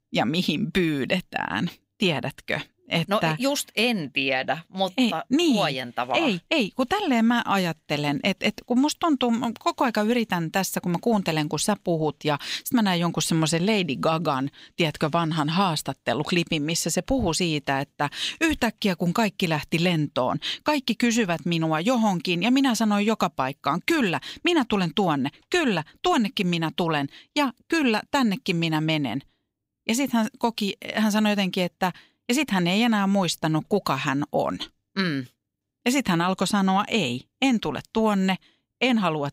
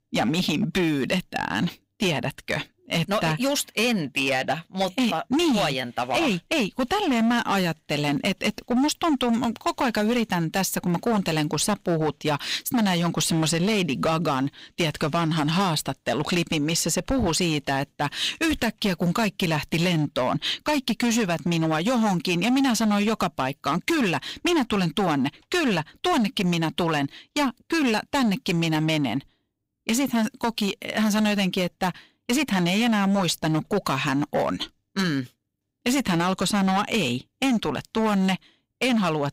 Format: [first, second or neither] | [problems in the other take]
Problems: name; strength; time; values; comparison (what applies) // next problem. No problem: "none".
first | distortion; slight; 15% of the sound clipped